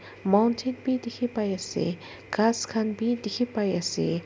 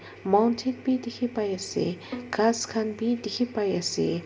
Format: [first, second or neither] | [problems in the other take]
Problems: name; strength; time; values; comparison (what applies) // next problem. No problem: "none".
first | background sound (Bowed string instrument); 17 dB below the speech // room echo; dies away in 0.4 s